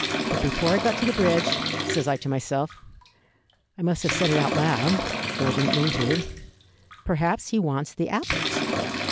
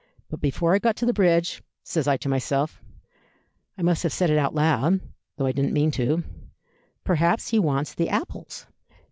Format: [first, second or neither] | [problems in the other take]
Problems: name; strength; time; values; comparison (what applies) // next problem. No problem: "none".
second | background sound (Bathtub (filling or washing) / Liquid); 3 dB below the speech